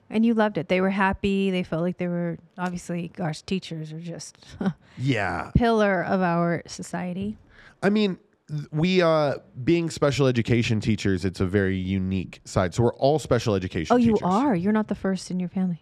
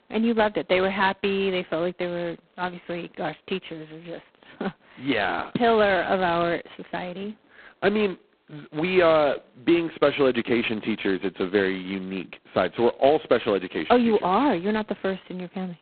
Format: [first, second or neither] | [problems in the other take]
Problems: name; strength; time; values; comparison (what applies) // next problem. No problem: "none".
first | phone-call audio; poor line; nothing above 4 kHz